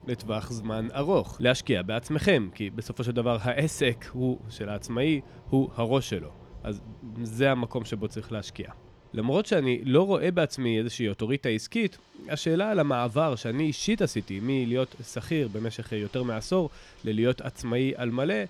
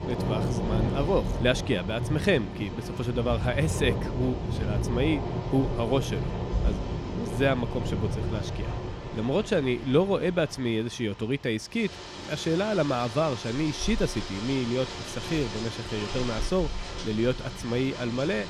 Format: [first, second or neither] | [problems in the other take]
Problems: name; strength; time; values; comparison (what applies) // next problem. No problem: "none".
first | rain or running water; loud; throughout; 4 dB below the speech; faint in the first